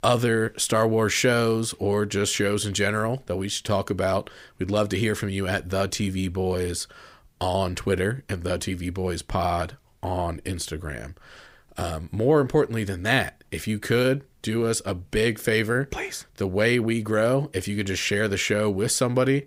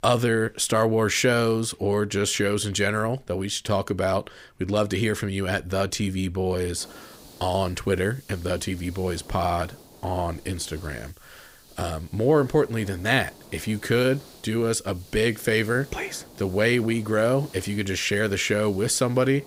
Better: first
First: none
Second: hiss; faint; from 7 s on; 25 dB below the speech

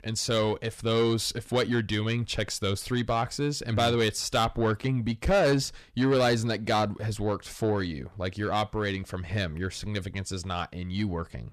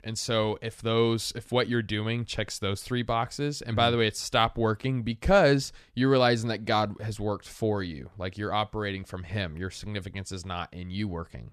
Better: second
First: distortion; slight; 10 dB below the speech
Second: none

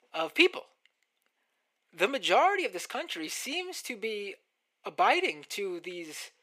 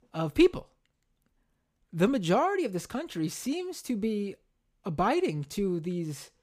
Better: second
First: thin; very; fading below 450 Hz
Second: none

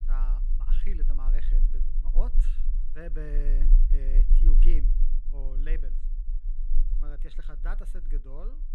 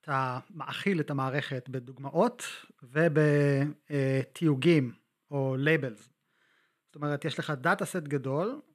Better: second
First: low rumble; loud; throughout; 8 dB below the speech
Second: none

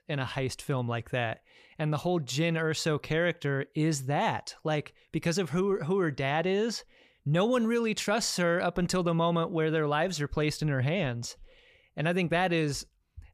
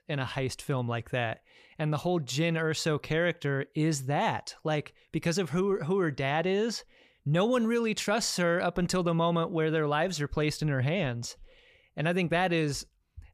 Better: neither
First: none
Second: none

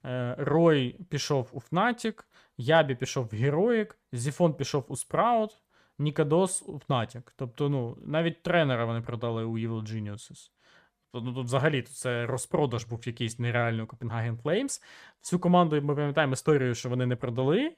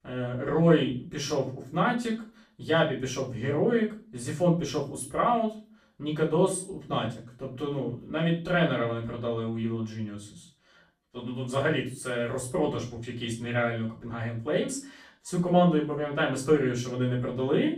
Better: first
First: none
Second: off-mic speech; far // room echo; slight; dies away in 0.3 s

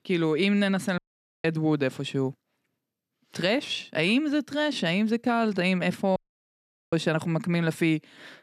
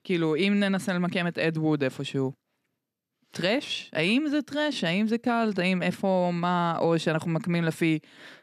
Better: second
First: audio cutting out; at 1 s and at 6 s for 1 s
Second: none

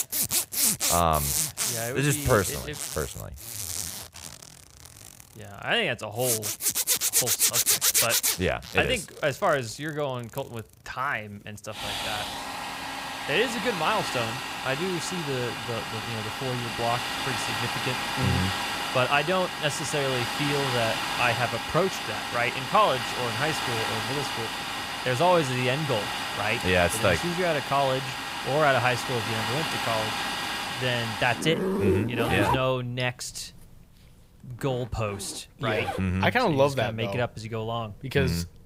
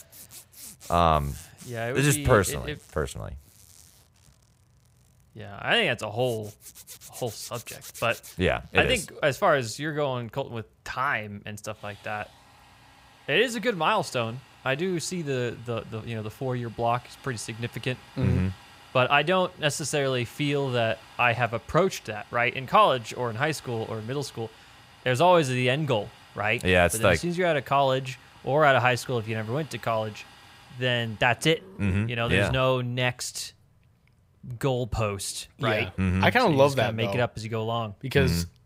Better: second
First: household noises; loud; throughout; as loud as the speech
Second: household noises; faint; throughout; 25 dB below the speech

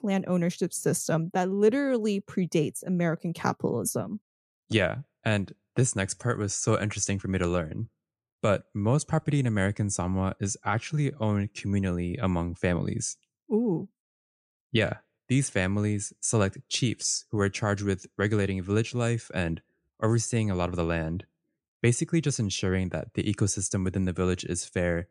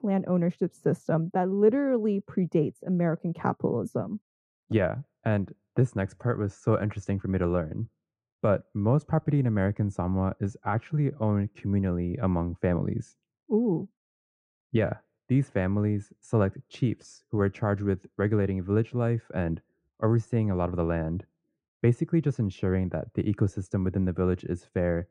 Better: first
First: none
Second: muffled; very; fading above 2.5 kHz

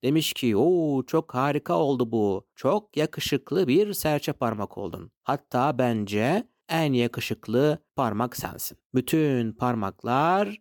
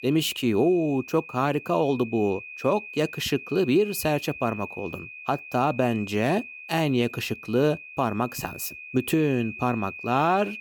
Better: first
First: none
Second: high-pitched whine; noticeable; throughout; 2.5 kHz, 15 dB below the speech

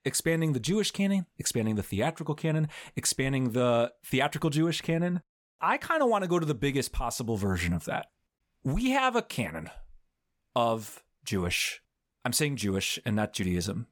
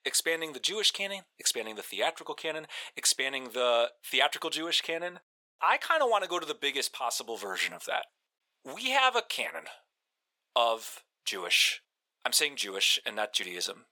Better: first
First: none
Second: thin; very; fading below 500 Hz

